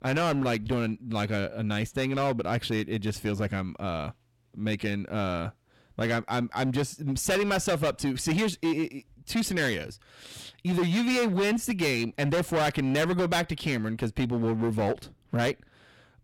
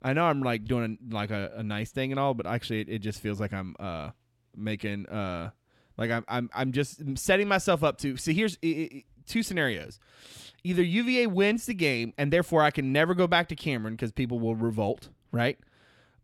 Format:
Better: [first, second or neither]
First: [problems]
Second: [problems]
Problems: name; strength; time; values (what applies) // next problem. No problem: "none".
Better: second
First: distortion; heavy; 13% of the sound clipped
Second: none